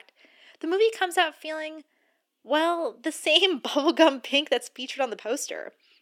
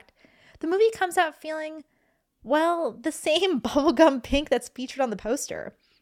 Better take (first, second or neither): second